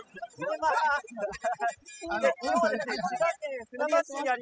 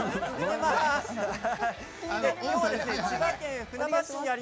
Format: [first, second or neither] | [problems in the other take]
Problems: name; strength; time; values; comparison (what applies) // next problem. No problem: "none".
second | noise reduction (classical method spectral subtraction)